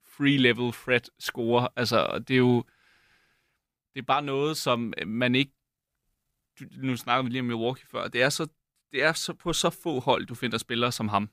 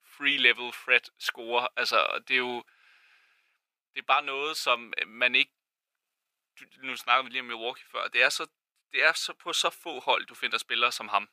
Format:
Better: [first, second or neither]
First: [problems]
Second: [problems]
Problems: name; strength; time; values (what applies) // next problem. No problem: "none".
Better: first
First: none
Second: thin; very; fading below 600 Hz